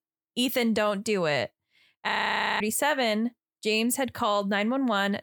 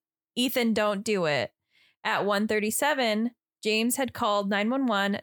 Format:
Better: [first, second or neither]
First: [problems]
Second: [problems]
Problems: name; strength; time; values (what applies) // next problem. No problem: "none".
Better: second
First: audio freezing; at 2 s for 0.5 s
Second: none